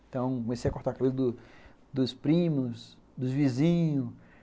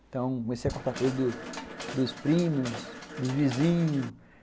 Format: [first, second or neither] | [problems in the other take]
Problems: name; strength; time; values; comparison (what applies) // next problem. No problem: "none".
first | background sound (Mechanisms); 11 dB below the speech